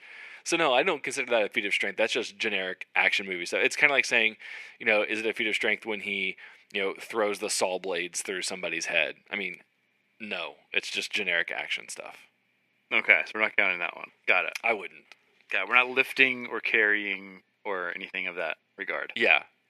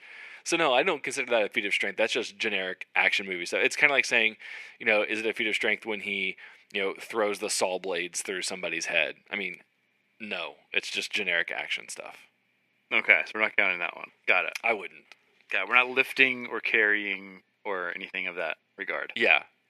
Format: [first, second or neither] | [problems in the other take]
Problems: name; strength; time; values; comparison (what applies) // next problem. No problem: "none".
neither | thin; somewhat; fading below 450 Hz; the same in both